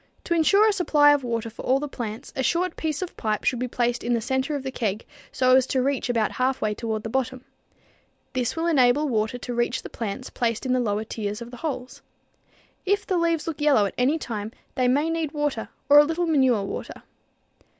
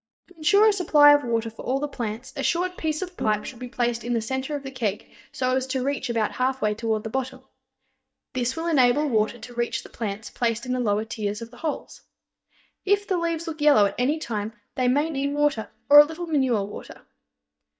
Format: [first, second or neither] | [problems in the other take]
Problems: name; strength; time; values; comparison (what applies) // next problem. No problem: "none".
first | noise reduction (neural mask model DeepFilterNet 3)